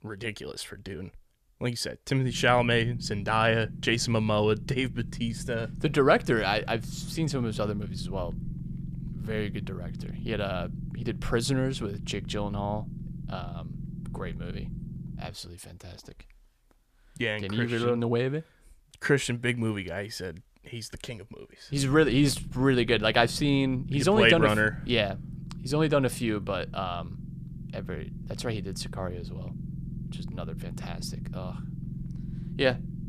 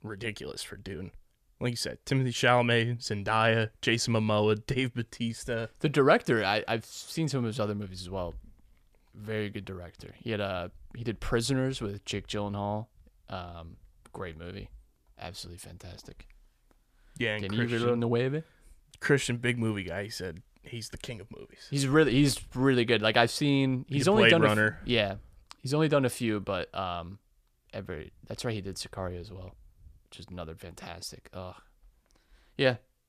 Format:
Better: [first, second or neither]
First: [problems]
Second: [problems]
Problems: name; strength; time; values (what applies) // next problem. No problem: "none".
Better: second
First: low rumble; faint; from 2.5 to 15 s and from 22 s on; 20 dB below the speech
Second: none